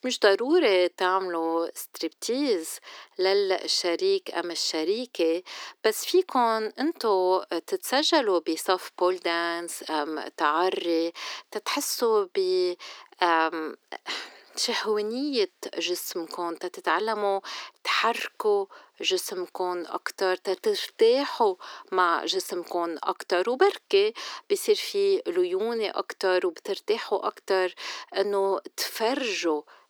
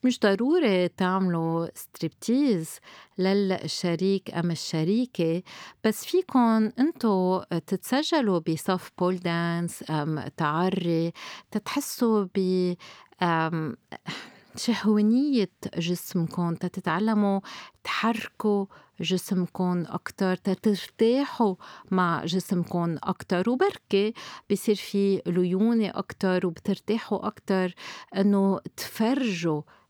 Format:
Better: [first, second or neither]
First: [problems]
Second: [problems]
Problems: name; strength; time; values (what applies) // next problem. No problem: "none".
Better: second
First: thin; very; fading below 350 Hz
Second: none